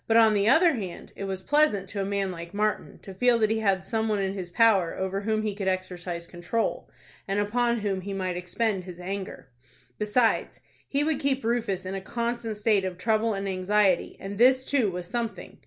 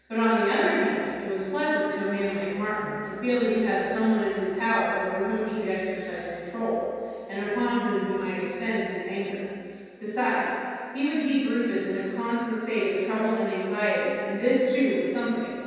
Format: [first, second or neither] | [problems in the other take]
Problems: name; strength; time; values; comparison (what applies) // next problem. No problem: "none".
first | room echo; dies away in 2.1 s